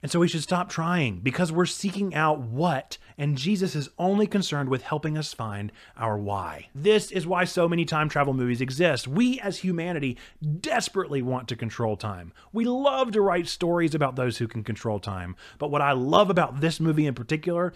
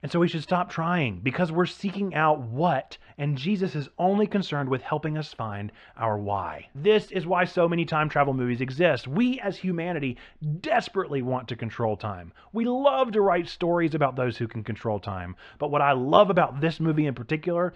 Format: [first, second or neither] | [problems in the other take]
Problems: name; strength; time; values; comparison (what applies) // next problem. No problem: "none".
first | muffled; slightly; fading above 3 kHz